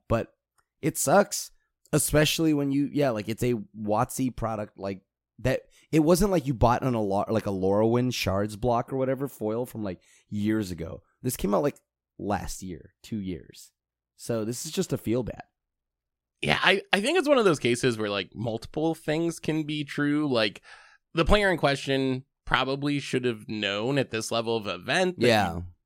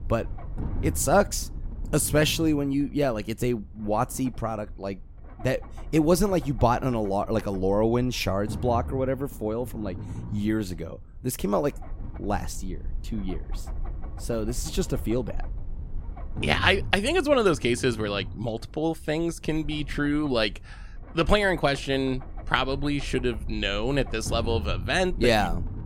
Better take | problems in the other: first | low rumble; faint; throughout; 20 dB below the speech

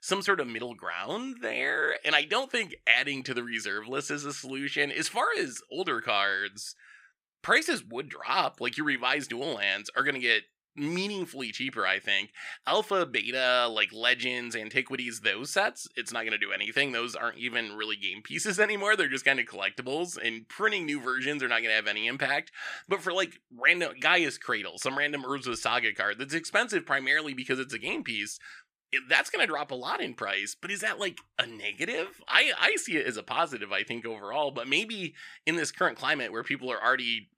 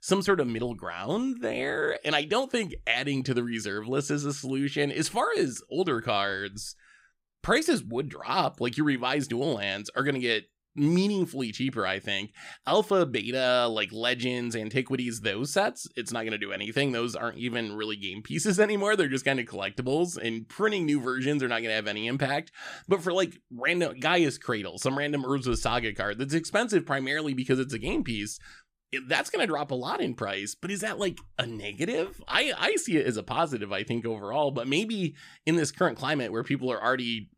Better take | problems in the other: second | thin; somewhat; fading below 900 Hz

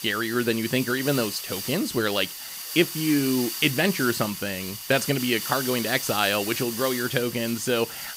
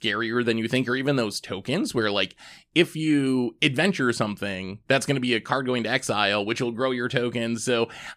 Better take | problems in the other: second | hiss; loud; throughout; 6 dB below the speech

